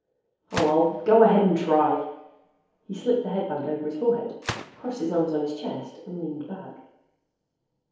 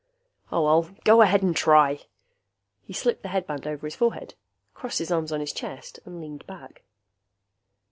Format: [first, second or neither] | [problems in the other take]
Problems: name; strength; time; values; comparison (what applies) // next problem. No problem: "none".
second | background sound (Gunshot, gunfire); 17 dB below the speech // room echo; dies away in 2.2 s